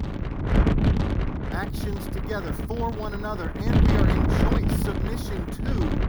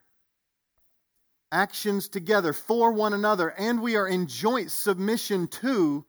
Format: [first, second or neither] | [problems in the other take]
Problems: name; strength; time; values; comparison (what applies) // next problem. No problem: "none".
second | wind noise on the microphone; heavy; 2 dB above the speech